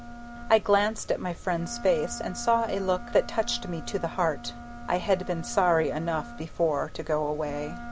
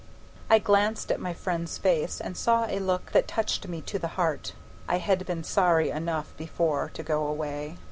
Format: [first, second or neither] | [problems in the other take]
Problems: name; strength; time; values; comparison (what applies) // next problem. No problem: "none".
second | background sound (Wind instrument, woodwind instrument); 16 dB below the speech